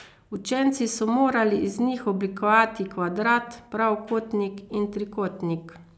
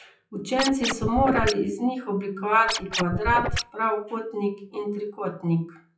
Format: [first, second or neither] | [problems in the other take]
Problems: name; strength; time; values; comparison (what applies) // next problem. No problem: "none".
first | noise reduction (classical method WPE with log-MMSE)